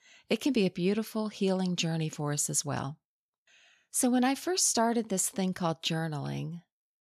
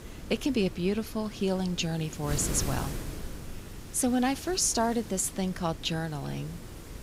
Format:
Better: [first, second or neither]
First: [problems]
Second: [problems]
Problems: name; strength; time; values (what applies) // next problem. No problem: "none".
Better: first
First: none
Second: wind noise on the microphone; occasional gusts; 15 dB below the speech